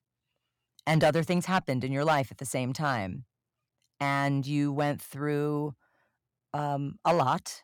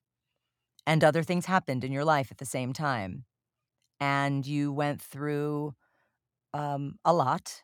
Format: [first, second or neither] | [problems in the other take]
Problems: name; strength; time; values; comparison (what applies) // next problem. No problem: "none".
second | distortion; slight; 1.5% of the sound clipped